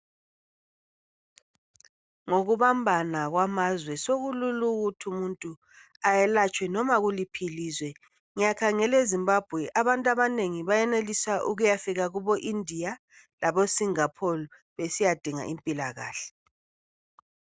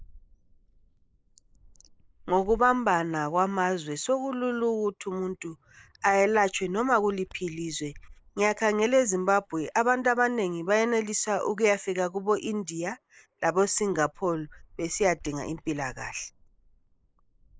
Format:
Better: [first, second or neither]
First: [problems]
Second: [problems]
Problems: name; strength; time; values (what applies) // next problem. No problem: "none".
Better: first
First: none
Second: noise reduction (neural mask model Resemble Enhance denoiser)